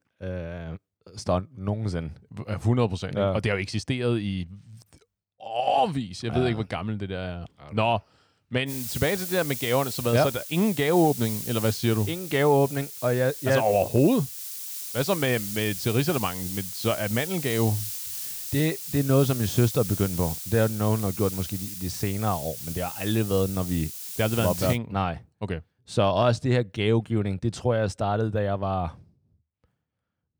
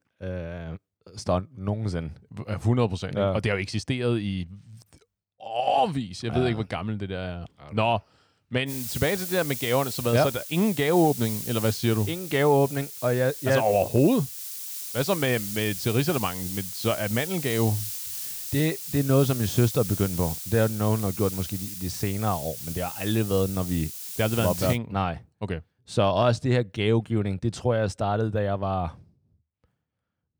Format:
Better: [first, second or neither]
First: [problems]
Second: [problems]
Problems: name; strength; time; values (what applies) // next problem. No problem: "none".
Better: neither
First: hiss; loud; from 8.5 to 25 s; 7 dB below the speech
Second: hiss; loud; from 8.5 to 25 s; 7 dB below the speech